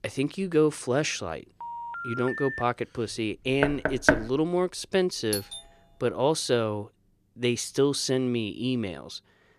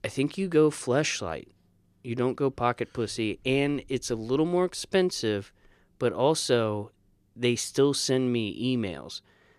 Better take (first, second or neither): second